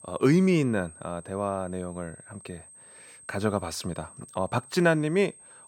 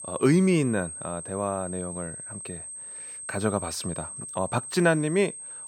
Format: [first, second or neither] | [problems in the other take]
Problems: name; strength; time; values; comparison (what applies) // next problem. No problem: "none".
first | high-pitched whine; loud; throughout; 8.5 kHz, 9 dB below the speech; faint in the first